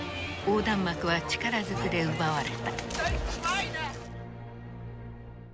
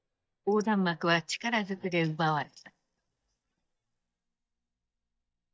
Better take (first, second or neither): first